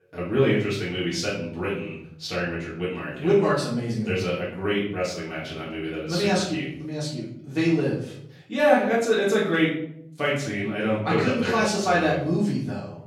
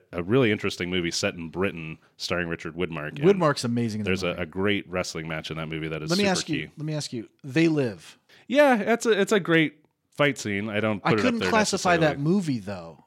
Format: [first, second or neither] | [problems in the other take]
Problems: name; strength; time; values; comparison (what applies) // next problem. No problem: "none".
second | room echo; noticeable; dies away in 0.6 s // off-mic speech; far